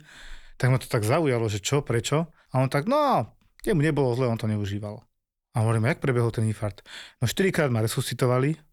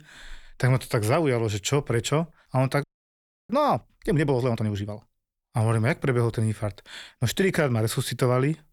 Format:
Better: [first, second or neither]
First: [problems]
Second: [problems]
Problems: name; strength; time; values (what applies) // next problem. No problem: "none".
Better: first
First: none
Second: audio freezing; at 3 s for 0.5 s